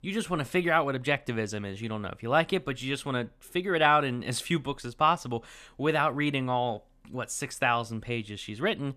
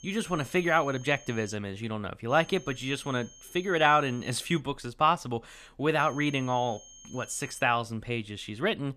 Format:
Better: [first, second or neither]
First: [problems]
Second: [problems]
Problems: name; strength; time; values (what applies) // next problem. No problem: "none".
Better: first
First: none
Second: high-pitched whine; faint; until 1.5 s, from 2.5 to 4.5 s and from 6 to 7.5 s; 6.5 kHz, 20 dB below the speech